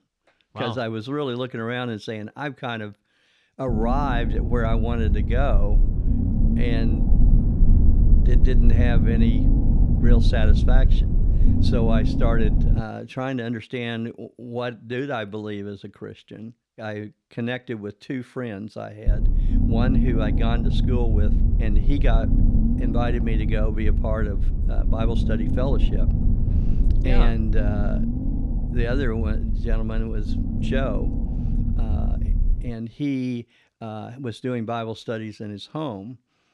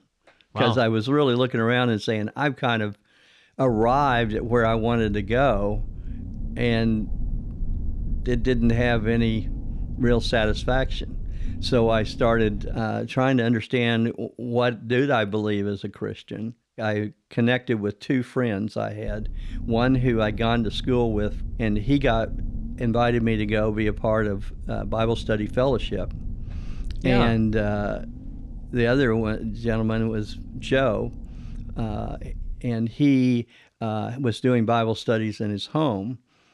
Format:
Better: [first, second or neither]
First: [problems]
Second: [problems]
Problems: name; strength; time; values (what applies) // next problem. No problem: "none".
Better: second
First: low rumble; loud; from 3.5 to 13 s and from 19 to 33 s; 4 dB below the speech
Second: low rumble; faint; from 3.5 to 13 s and from 19 to 33 s; 25 dB below the speech